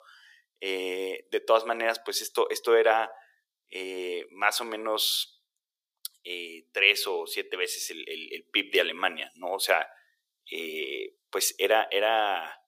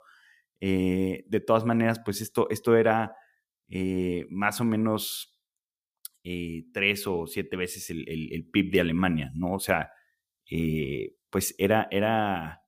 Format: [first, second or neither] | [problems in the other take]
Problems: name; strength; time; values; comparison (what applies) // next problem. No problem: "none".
second | thin; very; fading below 400 Hz